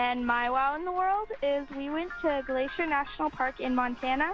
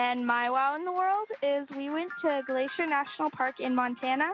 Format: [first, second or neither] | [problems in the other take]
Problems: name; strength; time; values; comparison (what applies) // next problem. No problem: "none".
second | background sound (Church bell); 18 dB below the speech